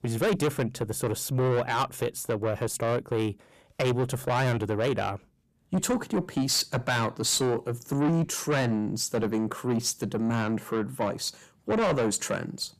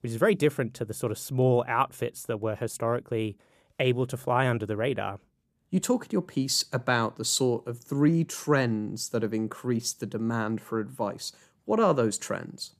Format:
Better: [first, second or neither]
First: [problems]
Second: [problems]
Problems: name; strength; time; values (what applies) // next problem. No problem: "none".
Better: second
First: distortion; heavy; 7 dB below the speech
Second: none